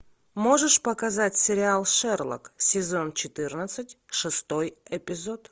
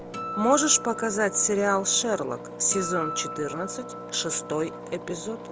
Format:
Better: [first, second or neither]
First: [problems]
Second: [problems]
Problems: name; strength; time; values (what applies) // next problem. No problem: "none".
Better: first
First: none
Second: background sound (Acoustic guitar + Engine); 9 dB below the speech